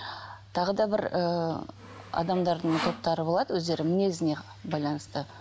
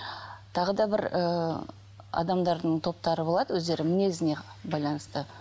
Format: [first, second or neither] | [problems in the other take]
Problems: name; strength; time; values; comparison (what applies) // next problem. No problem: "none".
second | background sound (Sawing); 11 dB below the speech